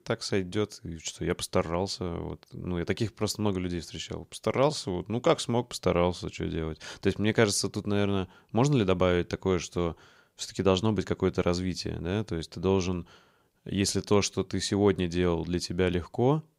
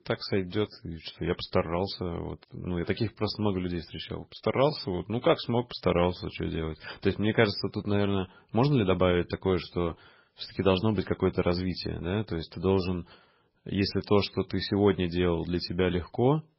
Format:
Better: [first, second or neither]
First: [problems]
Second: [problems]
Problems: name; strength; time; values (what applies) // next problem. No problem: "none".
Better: first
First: none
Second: garbled, watery; badly; nothing above 5.5 kHz